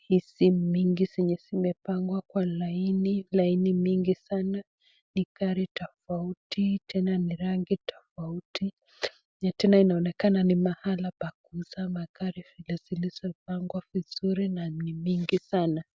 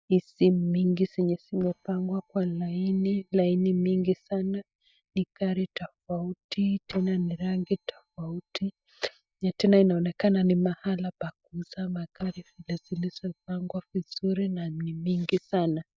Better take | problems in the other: first | noise reduction (neural mask model DeepFilterNet 3)

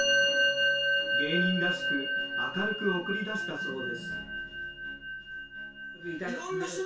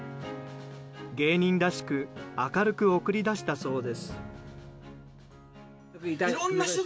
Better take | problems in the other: second | background sound (Musical instrument); 5 dB above the speech // room echo; dies away in 0.3 s

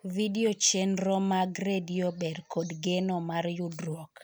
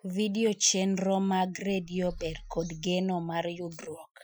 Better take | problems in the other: first | noise reduction (classical method Wiener filter)

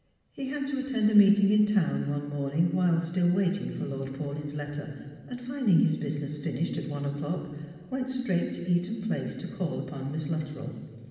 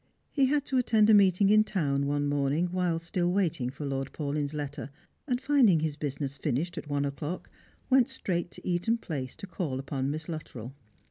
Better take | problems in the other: second | room echo; dies away in 1.7 s

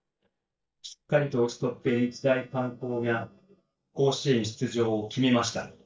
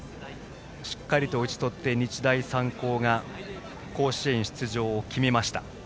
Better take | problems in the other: second | noise reduction (neural mask model DeepFilterNet 3)

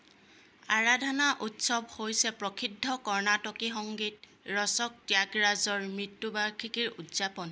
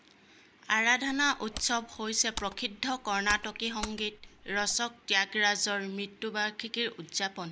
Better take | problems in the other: first | background sound (Computer keyboard); 13 dB below the speech

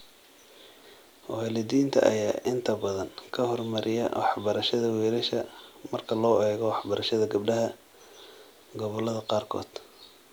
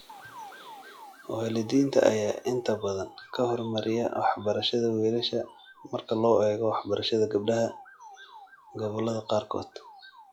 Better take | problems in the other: first | noise reduction (classical method log-MMSE)

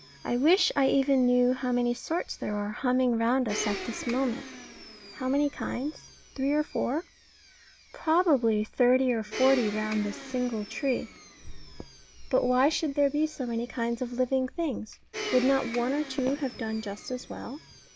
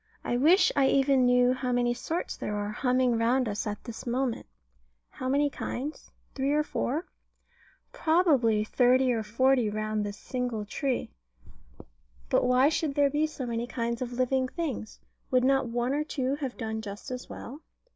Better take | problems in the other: second | background sound (Domestic sounds, home sounds + Fireworks); 15 dB below the speech

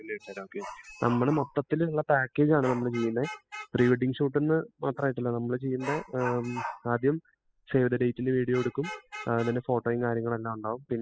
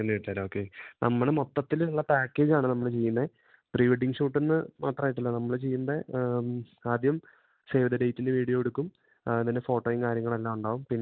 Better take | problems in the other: second | noise reduction (classical method spectral subtraction)

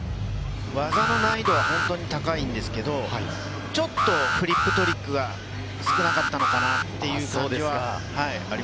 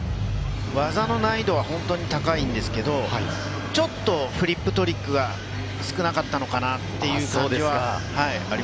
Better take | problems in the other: second | background sound (Alarm); 1 dB above the speech

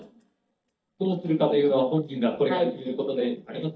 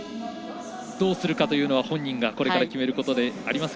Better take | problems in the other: second | noise reduction (neural mask model DeepFilterNet 3)

